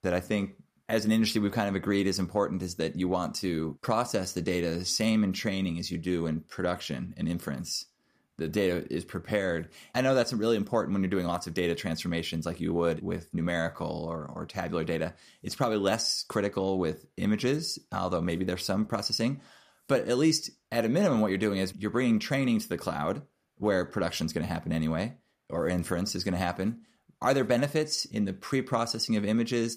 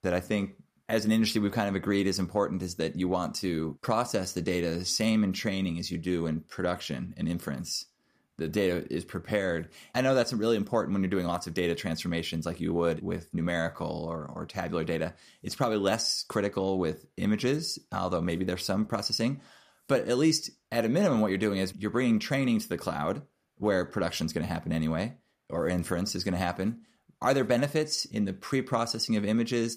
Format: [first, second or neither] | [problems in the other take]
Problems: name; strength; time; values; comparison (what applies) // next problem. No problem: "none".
neither | none